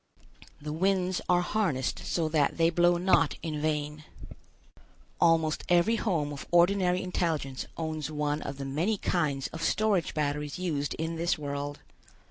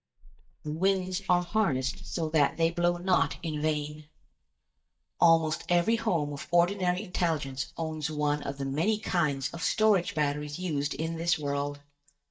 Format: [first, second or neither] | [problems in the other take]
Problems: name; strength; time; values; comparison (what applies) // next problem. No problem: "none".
first | noise reduction (neural mask model DeepFilterNet 3)